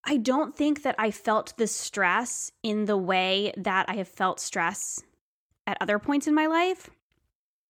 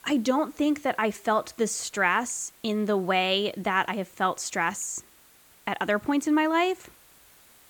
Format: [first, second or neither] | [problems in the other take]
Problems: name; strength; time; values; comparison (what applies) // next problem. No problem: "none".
first | hiss; faint; throughout; 25 dB below the speech